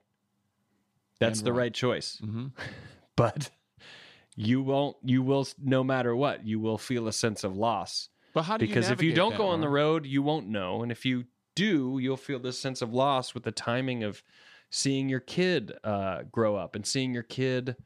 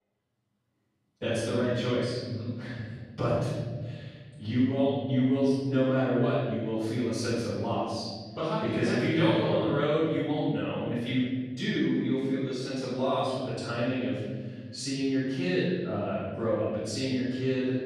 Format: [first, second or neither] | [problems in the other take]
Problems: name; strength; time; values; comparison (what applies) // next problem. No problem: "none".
first | off-mic speech; far // room echo; strong; dies away in 2.1 s